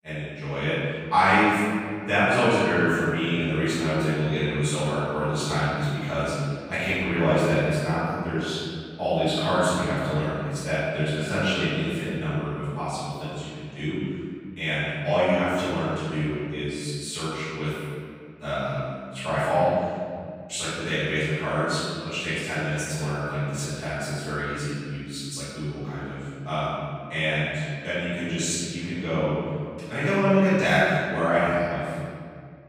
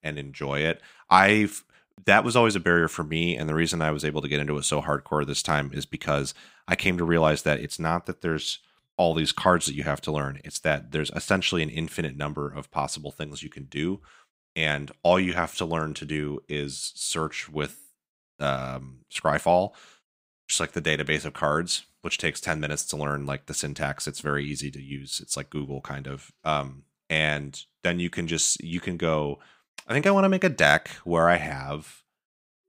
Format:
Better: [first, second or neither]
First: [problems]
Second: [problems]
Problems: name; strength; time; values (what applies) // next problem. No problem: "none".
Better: second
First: room echo; strong; dies away in 2.2 s // off-mic speech; far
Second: none